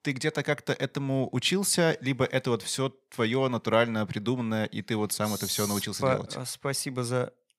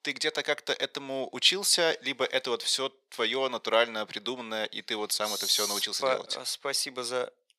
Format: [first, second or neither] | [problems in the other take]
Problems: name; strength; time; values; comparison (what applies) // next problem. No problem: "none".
first | thin; somewhat; fading below 500 Hz